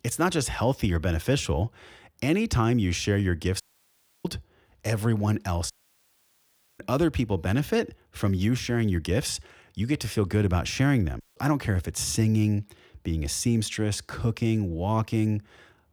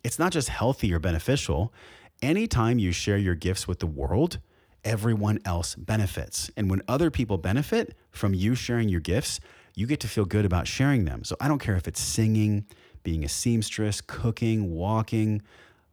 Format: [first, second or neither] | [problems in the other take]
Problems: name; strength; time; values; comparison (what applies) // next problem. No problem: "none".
second | audio cutting out; at 3.5 s for 0.5 s, at 5.5 s for 1 s and at 11 s